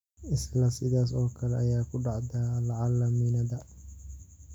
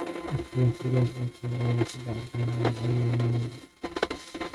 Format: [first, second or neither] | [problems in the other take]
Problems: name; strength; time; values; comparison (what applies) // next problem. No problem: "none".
first | noise reduction (neural mask model RNNoise)